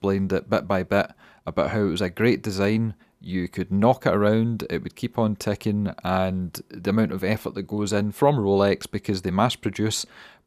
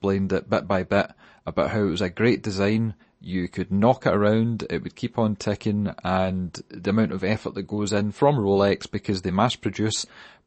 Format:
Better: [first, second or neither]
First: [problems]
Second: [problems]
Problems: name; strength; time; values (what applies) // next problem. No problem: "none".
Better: first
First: none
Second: garbled, watery; slightly; nothing above 8 kHz